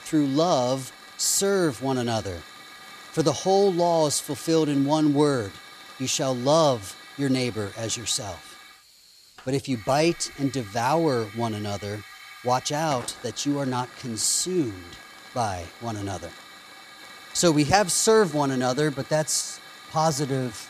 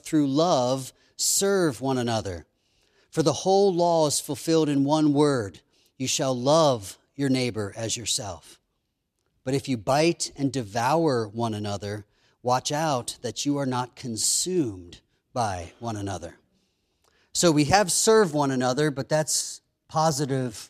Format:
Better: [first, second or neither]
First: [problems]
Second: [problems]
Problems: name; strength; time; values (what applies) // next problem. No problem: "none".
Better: second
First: hiss; noticeable; throughout; 20 dB below the speech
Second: none